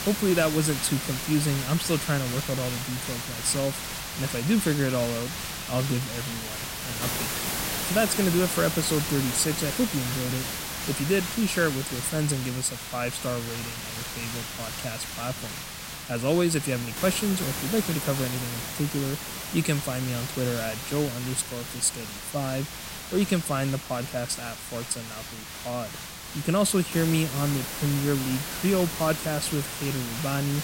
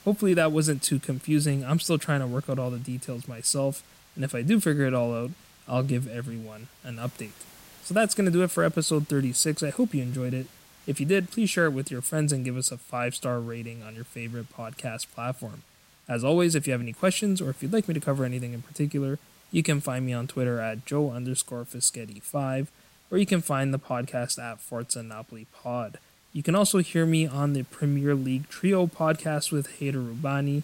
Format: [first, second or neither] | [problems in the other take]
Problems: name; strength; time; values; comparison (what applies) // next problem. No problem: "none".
second | hiss; loud; throughout; 4 dB below the speech; faint in the second